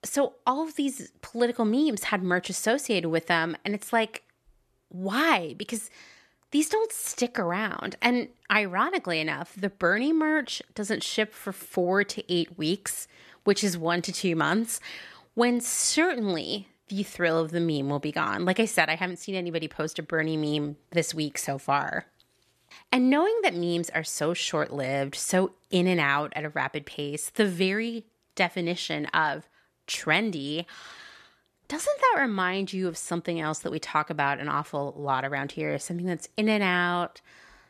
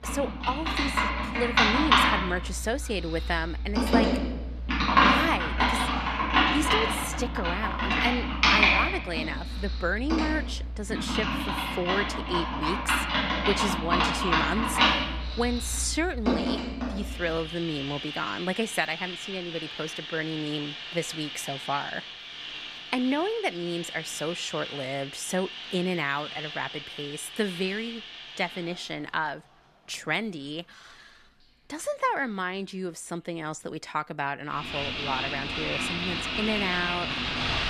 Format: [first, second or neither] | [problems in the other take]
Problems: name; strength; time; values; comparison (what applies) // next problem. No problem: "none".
first | household noises; very loud; throughout; 3 dB above the speech